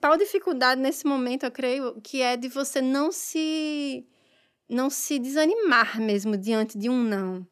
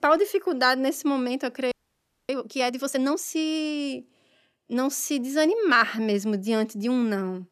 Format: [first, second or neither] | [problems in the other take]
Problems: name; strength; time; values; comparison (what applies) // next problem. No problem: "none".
first | audio freezing; at 1.5 s for 0.5 s